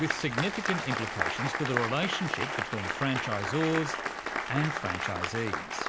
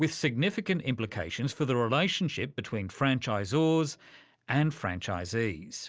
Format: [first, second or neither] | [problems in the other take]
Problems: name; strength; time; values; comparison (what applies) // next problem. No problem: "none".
second | background sound (Applause); 1 dB below the speech